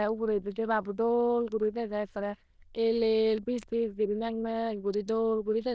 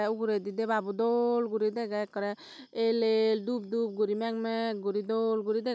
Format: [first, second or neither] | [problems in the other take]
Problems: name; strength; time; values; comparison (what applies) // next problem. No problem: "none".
second | noise reduction (neural diffusion model UNIVERSE++)